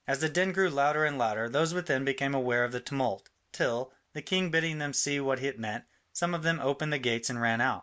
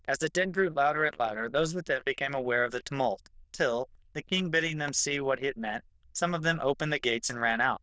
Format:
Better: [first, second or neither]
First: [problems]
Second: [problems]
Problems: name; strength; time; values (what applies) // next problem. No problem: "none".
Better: first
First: none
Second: noise reduction (neural diffusion model UNIVERSE++)